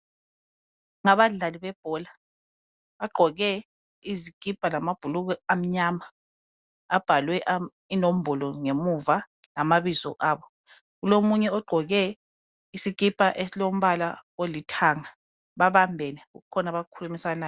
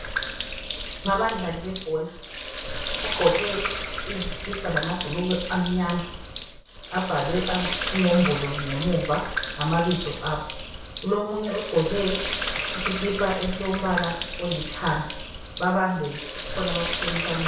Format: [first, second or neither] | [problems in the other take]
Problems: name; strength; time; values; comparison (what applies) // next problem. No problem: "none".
first | background sound (Sink (filling or washing)); 4 dB below the speech // room echo; dies away in 0.6 s